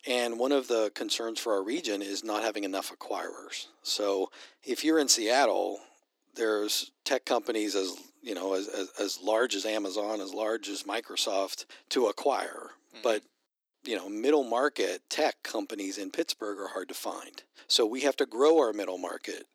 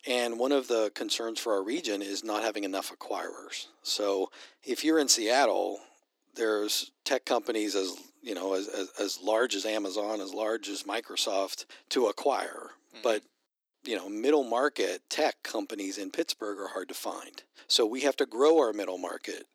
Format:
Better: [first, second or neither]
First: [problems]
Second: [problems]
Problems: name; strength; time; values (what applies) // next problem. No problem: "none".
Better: neither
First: thin; very slightly; fading below 300 Hz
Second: thin; very slightly; fading below 300 Hz